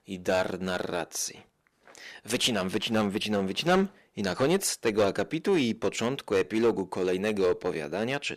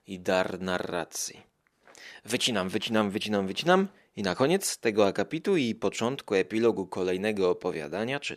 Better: second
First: distortion; slight; 3% of the sound clipped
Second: none

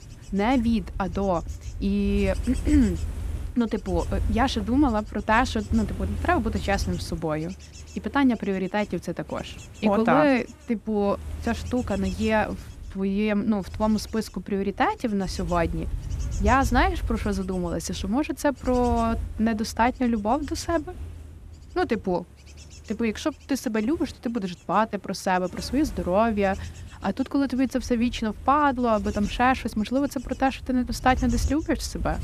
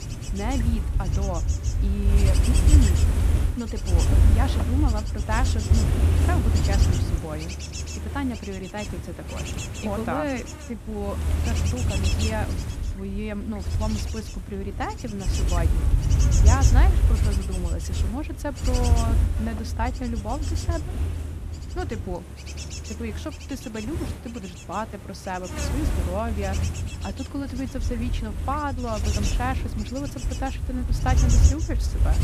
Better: first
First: wind noise on the microphone; occasional gusts; 20 dB below the speech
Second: wind noise on the microphone; heavy; 3 dB below the speech

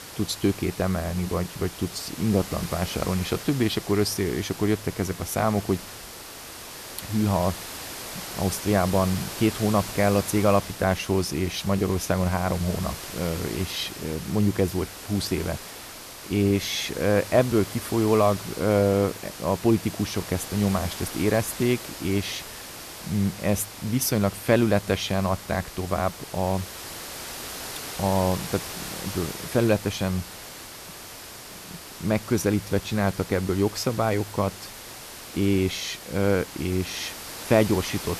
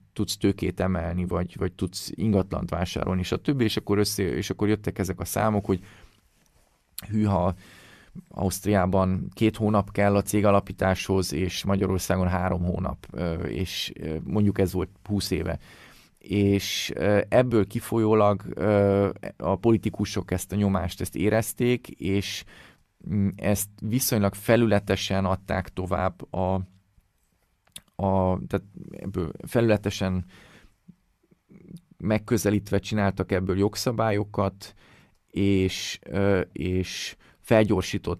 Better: second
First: hiss; noticeable; throughout; 10 dB below the speech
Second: none

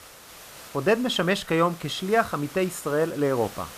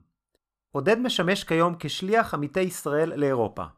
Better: second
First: hiss; noticeable; throughout; 20 dB below the speech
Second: none

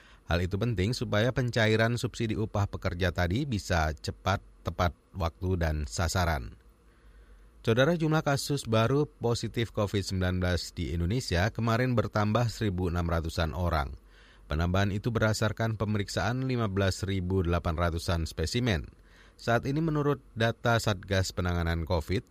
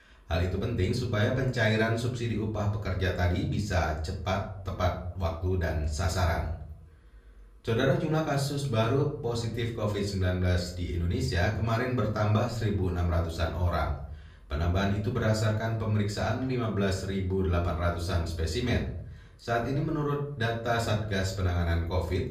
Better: first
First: none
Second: off-mic speech; far // room echo; slight; dies away in 0.5 s

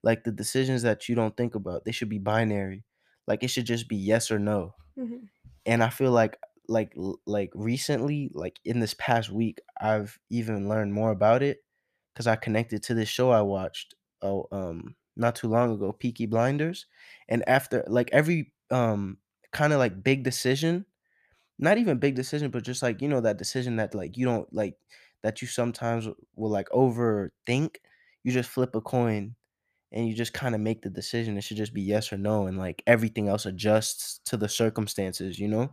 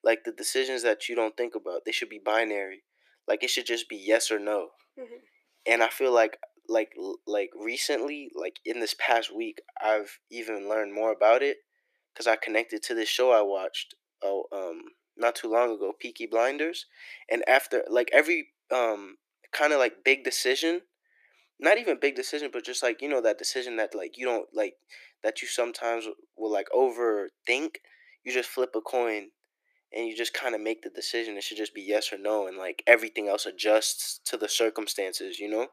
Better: first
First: none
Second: thin; very; fading below 300 Hz

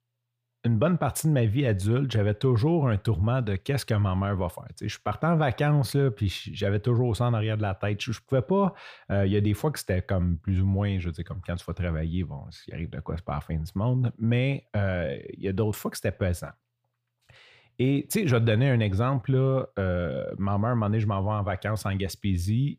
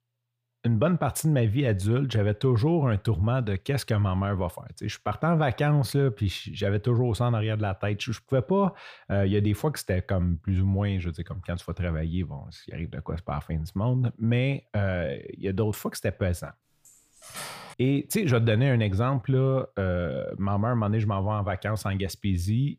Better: first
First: none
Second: clattering dishes; faint; at 17 s; peak 10 dB below the speech

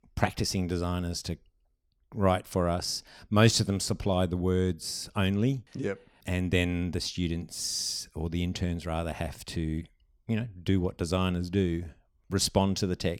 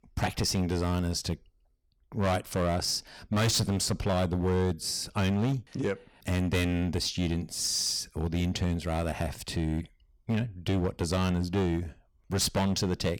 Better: first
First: none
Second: distortion; heavy; 11% of the sound clipped

